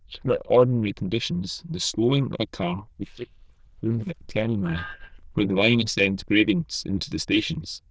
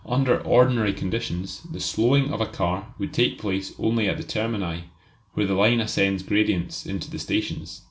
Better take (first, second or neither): second